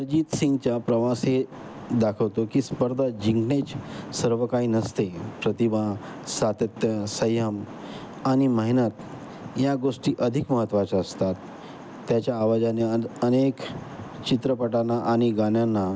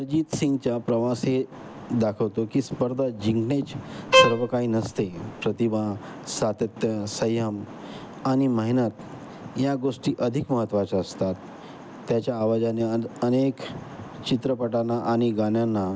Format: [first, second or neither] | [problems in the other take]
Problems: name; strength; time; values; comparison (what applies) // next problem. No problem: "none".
first | background sound (Bowed string instrument); 3 dB above the speech